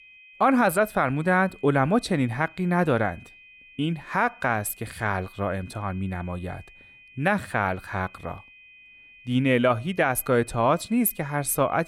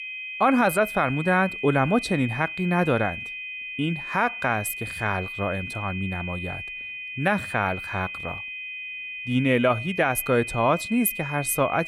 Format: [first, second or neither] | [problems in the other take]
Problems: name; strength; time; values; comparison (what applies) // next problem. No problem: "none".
first | high-pitched whine; loud; throughout; 2.5 kHz, 8 dB below the speech; faint in the first